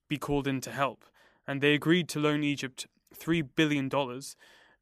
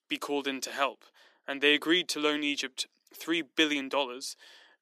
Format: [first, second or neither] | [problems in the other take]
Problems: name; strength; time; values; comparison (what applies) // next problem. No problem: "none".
first | thin; very slightly; fading below 300 Hz